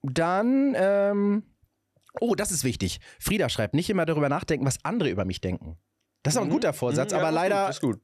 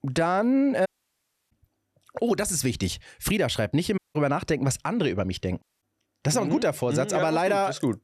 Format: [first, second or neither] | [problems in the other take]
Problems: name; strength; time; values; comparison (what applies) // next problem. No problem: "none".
first | audio cutting out; at 1 s for 0.5 s, at 4 s and at 5.5 s